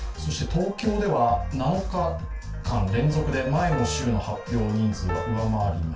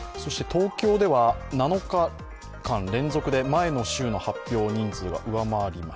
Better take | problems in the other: second | background sound (Piano); 9 dB below the speech // room echo; dies away in 0.3 s

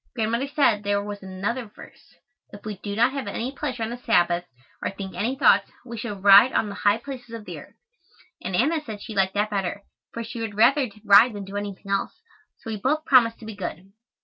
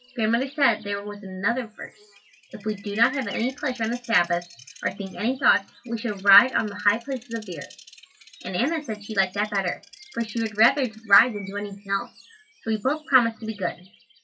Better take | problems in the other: first | noise reduction (classical method WPE with log-MMSE)

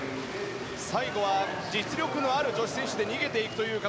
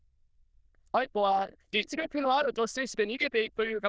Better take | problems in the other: first | noise reduction (neural diffusion model UNIVERSE++)

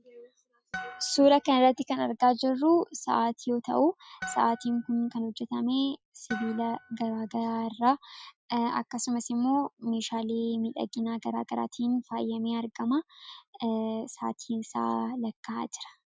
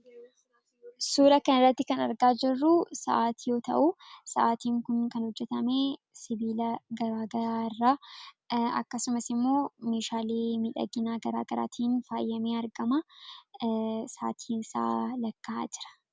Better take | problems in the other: second | noise reduction (classical method Wiener filter)

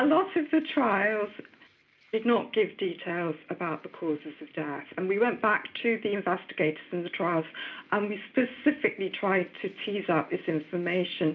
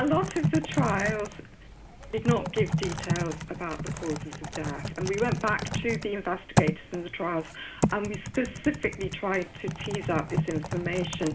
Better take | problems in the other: first | background sound (Typing); 1 dB below the speech

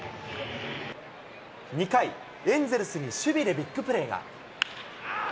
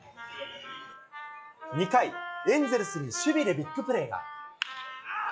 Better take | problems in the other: first | noise reduction (classical method log-MMSE)

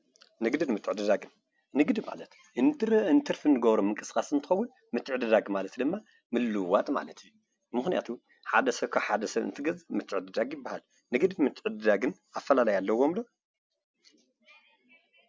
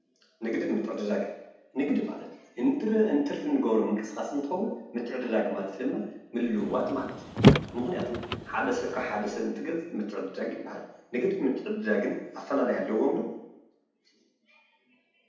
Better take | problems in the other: first | background sound (Car); 3 dB above the speech // room echo; dies away in 0.8 s

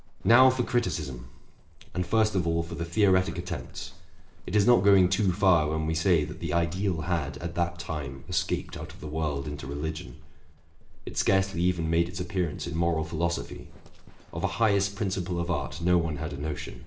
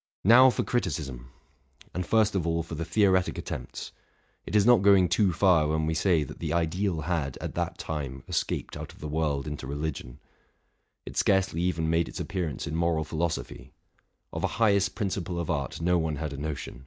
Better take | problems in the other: second | background sound (Livestock, farm animals, working animals); 13 dB below the speech // room echo; dies away in 0.6 s

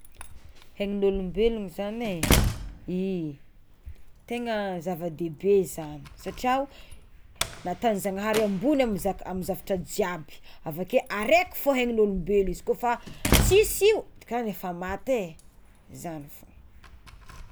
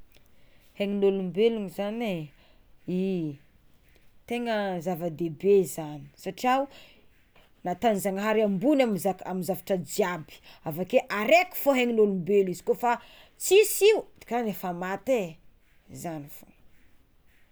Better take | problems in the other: second | background sound (Slam); 6 dB below the speech

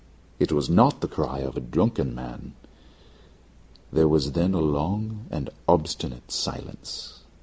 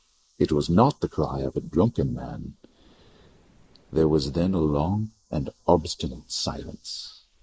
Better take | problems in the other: first | noise reduction (neural mask model Resemble Enhance denoiser)

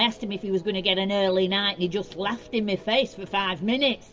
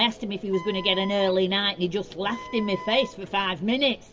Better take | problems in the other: first | background sound (Wind instrument, woodwind instrument); 16 dB below the speech

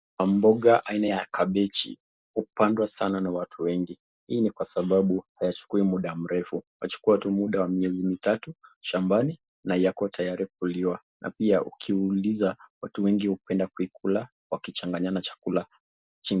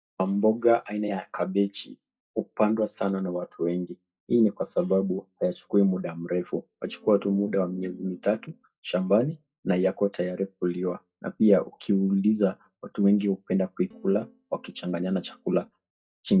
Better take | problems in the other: first | noise reduction (neural mask model DeepFilterNet 3)

